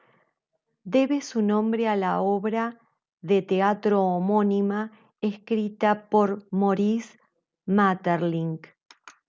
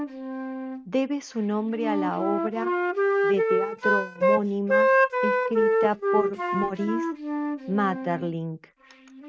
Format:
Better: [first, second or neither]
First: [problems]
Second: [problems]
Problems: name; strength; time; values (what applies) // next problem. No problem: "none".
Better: first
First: none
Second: noise reduction (neural mask model RNNoise)